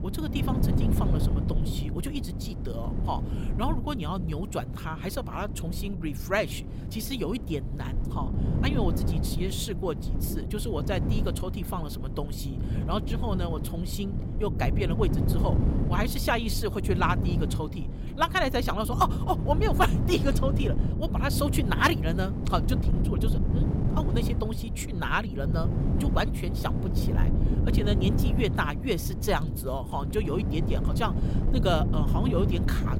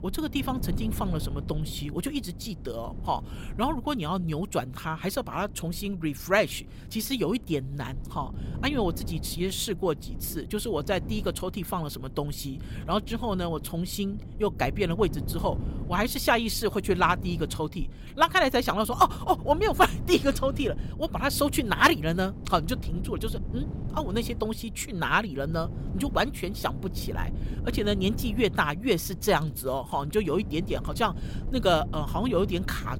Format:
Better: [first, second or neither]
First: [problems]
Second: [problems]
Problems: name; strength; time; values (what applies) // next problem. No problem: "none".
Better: second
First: wind noise on the microphone; heavy; 8 dB below the speech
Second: wind noise on the microphone; occasional gusts; 20 dB below the speech